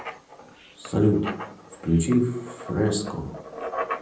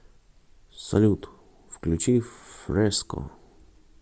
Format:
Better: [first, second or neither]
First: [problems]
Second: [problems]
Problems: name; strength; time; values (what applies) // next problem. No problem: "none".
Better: second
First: background sound (Writing); 10 dB below the speech // room echo; dies away in 0.6 s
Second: none